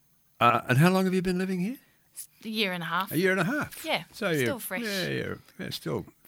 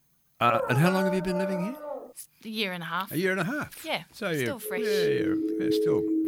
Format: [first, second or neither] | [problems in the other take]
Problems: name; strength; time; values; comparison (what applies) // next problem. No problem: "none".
first | dog barking; noticeable; until 2 s; peak 1 dB below the speech // siren; loud; from 4.5 s on; peak 4 dB above the speech